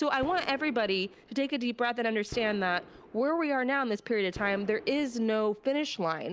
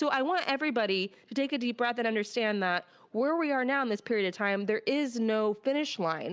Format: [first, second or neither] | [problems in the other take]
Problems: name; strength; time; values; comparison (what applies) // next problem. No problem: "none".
second | background sound (Gunshot, gunfire); 20 dB below the speech